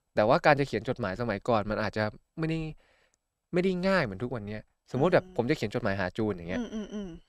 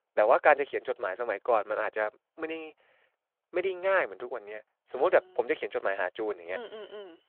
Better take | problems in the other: first | phone-call audio

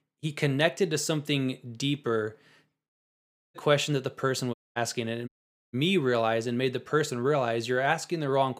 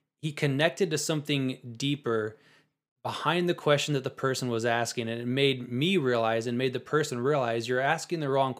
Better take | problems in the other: second | audio cutting out; at 3 s for 0.5 s, at 4.5 s and at 5.5 s

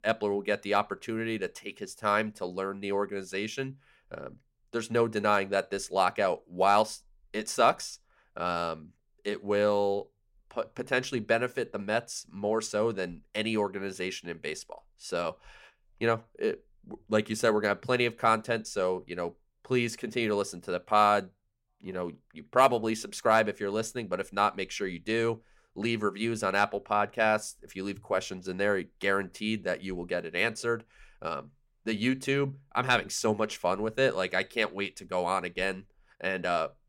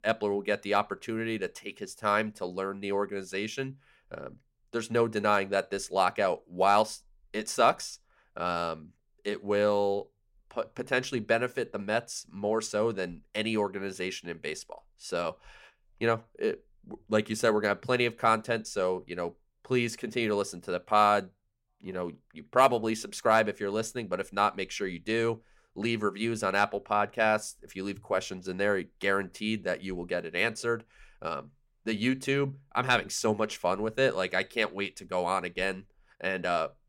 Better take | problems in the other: neither | none

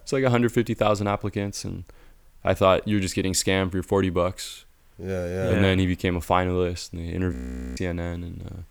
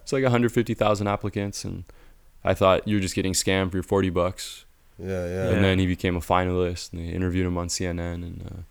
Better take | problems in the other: second | audio freezing; at 7.5 s

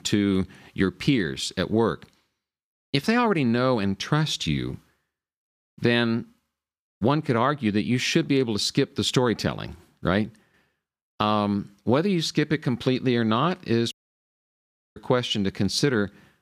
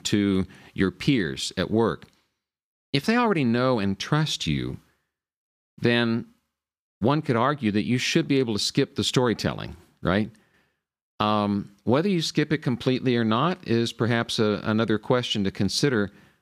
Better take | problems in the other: second | audio cutting out; at 14 s for 1 s

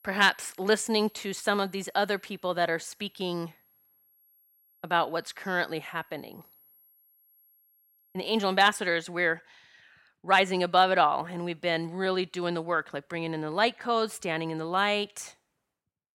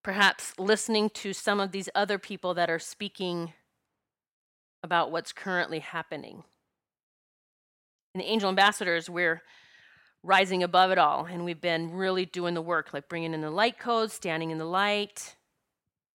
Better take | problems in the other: second | high-pitched whine; faint; until 9 s; 11.5 kHz, 30 dB below the speech

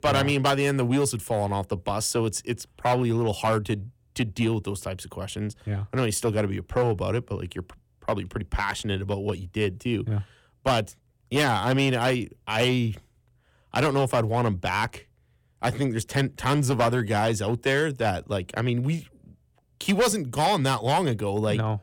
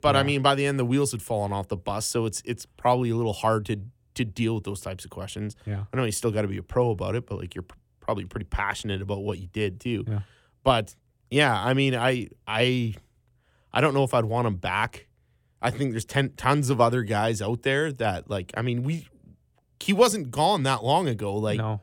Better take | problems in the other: second | distortion; slight; 5% of the sound clipped

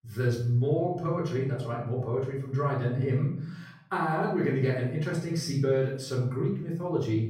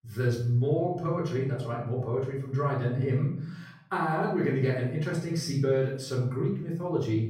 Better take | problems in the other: neither | off-mic speech; far; the same in both // room echo; noticeable; dies away in 0.6 s; the same in both

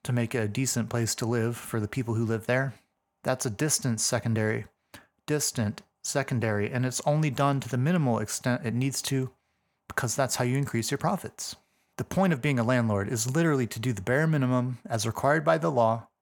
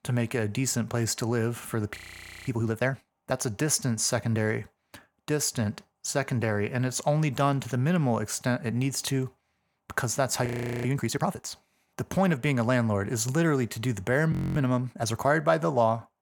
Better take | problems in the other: first | audio freezing; at 2 s for 0.5 s, at 10 s and at 14 s

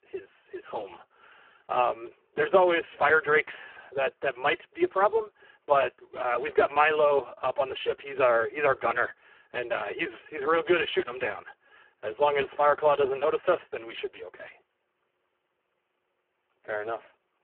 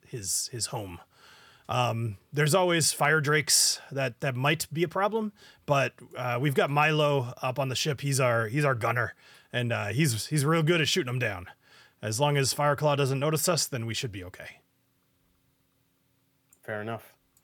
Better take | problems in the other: second | phone-call audio; poor line

